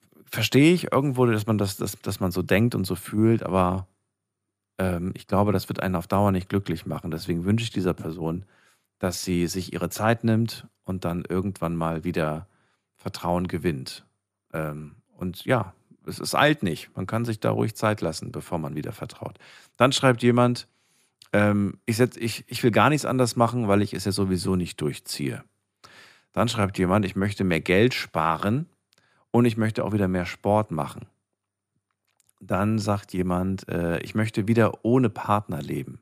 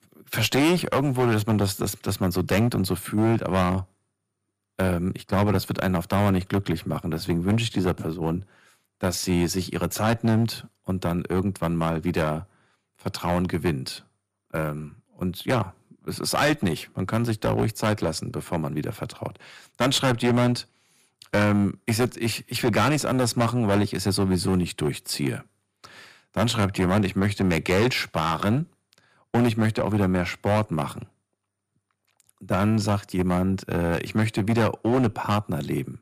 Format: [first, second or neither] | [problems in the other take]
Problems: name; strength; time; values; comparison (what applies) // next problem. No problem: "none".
first | distortion; heavy; 8% of the sound clipped